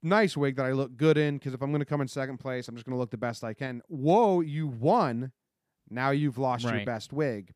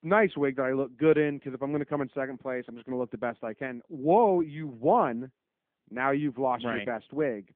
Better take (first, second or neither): first